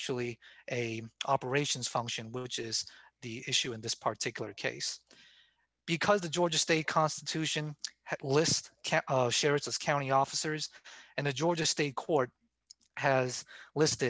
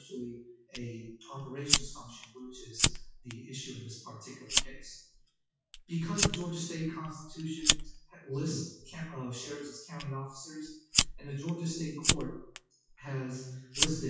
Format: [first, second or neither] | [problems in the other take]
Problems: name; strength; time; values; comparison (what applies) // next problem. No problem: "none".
first | noise reduction (classical method WPE with log-MMSE)